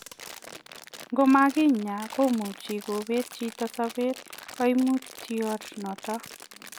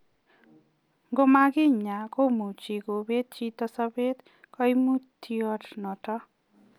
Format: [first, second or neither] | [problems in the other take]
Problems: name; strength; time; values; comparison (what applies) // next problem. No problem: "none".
second | background sound (Crumpling, crinkling); 17 dB below the speech